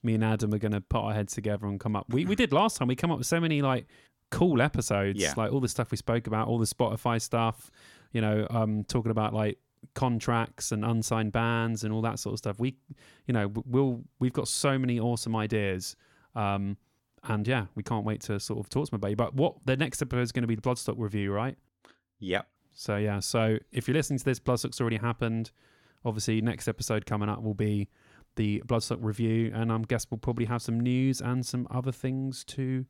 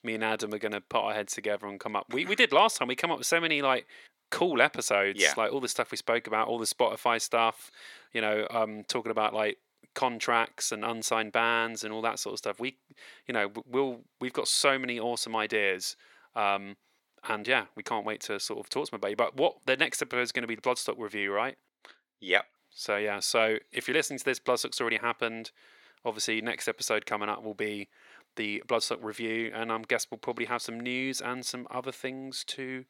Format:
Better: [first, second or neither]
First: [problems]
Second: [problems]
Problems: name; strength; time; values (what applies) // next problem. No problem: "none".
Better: first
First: none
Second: thin; very; fading below 500 Hz